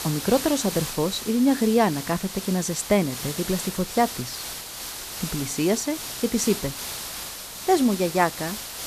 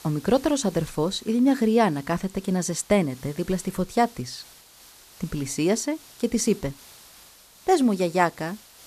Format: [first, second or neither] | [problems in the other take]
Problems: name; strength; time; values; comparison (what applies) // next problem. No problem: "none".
second | hiss; loud; throughout; 8 dB below the speech; faint in the second